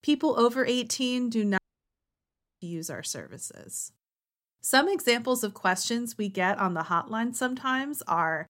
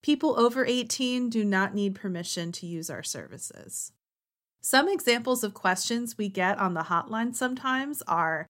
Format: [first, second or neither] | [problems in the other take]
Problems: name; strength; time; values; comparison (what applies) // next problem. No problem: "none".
second | audio cutting out; at 1.5 s for 1 s